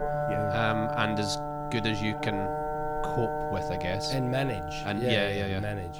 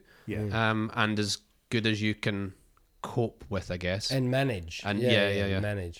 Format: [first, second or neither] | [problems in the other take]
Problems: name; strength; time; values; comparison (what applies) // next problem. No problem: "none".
second | background music; loud; throughout; 2 dB below the speech